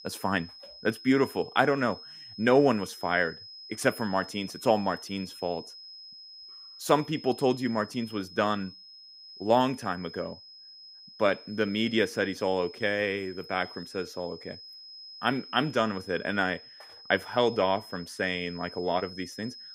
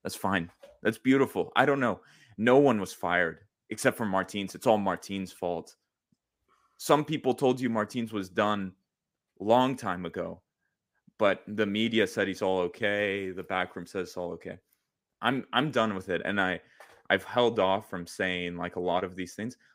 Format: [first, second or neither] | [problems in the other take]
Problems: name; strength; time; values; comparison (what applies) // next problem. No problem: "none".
second | high-pitched whine; noticeable; throughout; 5 kHz, 15 dB below the speech